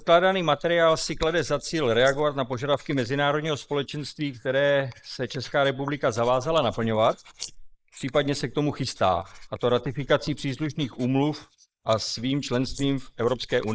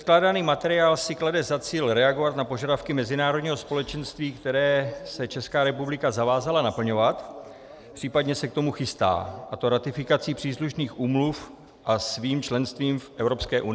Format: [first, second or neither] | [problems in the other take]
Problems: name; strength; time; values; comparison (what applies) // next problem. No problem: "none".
second | noise reduction (neural mask model Resemble Enhance denoiser)